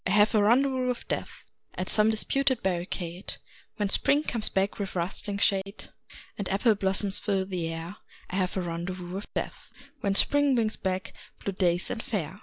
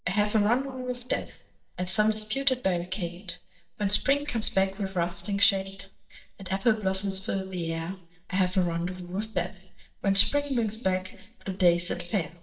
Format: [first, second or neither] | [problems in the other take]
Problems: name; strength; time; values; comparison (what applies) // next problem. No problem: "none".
first | noise reduction (neural mask model DeepFilterNet 3)